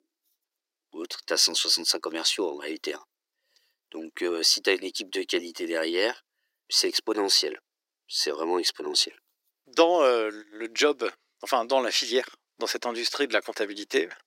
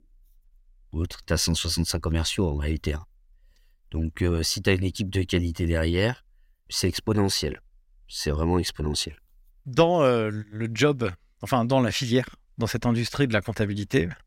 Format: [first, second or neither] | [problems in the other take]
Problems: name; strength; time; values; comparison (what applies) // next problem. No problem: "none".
second | thin; very; fading below 350 Hz